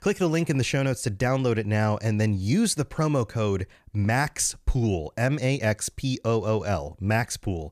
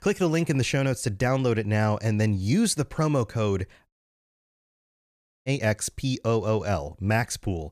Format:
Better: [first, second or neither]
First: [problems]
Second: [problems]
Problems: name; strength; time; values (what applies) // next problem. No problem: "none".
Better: first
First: none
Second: audio cutting out; at 4 s for 1.5 s